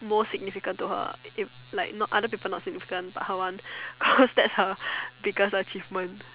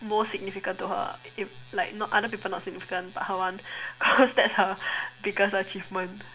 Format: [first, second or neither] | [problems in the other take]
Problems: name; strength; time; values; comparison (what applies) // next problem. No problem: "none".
first | room echo; dies away in 0.3 s